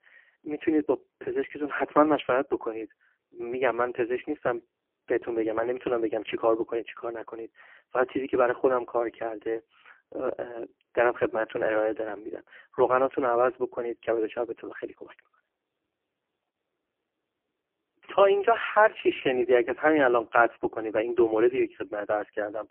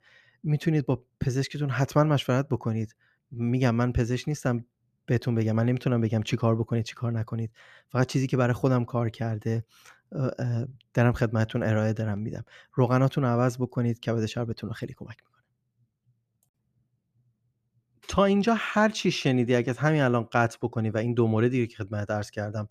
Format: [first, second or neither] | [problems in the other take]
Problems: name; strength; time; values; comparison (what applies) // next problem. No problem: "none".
second | phone-call audio; poor line; nothing above 3 kHz